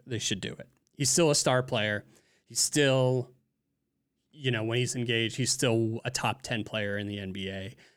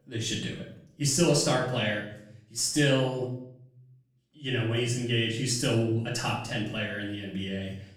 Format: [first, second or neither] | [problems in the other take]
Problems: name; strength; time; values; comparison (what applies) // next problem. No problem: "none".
first | off-mic speech; far // room echo; noticeable; dies away in 0.6 s